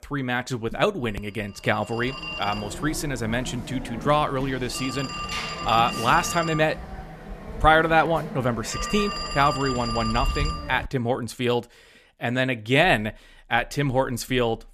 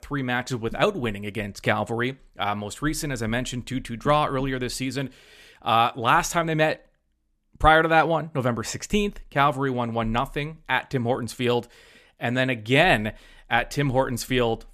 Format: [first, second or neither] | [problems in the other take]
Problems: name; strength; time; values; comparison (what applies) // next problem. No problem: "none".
second | phone ringing; noticeable; from 1 to 11 s; peak 3 dB below the speech